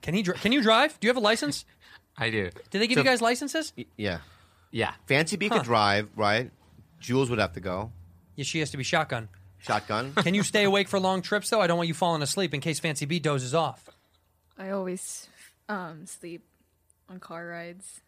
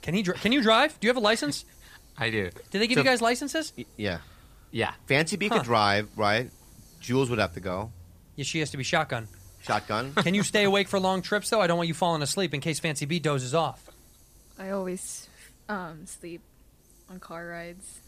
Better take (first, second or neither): first